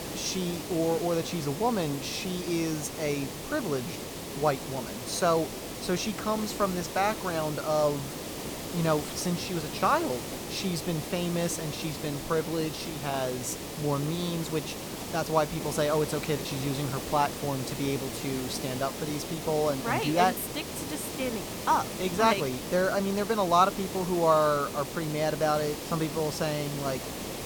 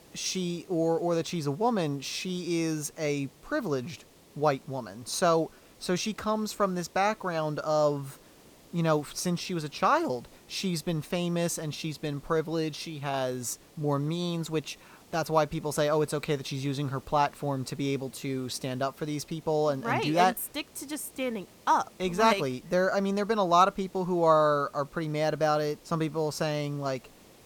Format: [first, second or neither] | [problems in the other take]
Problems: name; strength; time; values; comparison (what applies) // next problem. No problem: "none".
second | hiss; loud; throughout; 7 dB below the speech; faint in the second